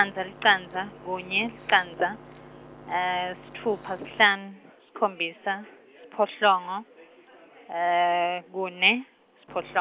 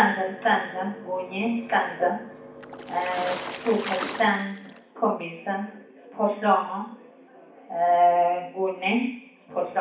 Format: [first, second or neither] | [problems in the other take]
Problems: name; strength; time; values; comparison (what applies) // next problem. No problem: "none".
first | background sound (Water / Splash, splatter); 10 dB below the speech // room echo; dies away in 0.6 s